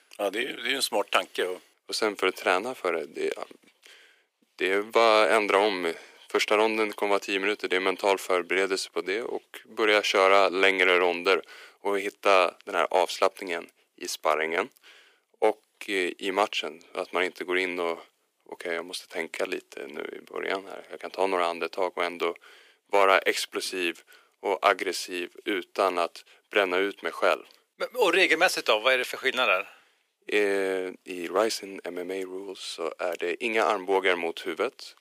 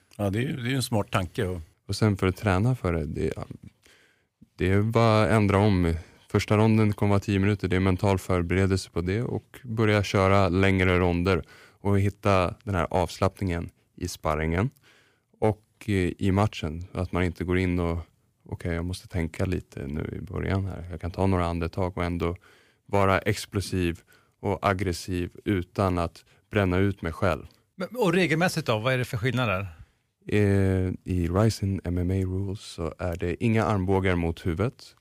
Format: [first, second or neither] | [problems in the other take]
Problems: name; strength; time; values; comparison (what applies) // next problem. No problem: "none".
second | thin; very; fading below 350 Hz